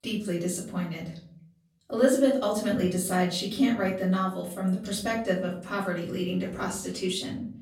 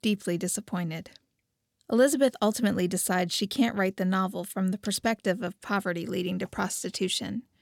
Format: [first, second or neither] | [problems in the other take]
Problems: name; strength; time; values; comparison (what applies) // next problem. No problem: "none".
second | off-mic speech; far // room echo; slight; dies away in 0.6 s